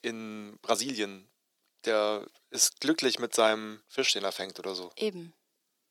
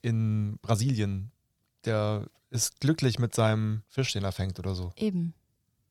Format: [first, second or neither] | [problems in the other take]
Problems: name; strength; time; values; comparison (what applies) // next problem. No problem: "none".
second | thin; very; fading below 300 Hz